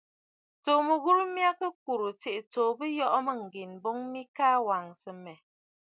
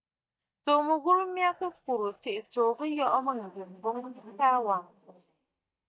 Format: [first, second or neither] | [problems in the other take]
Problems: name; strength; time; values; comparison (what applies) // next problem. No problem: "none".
first | noise reduction (neural mask model DeepFilterNet 3)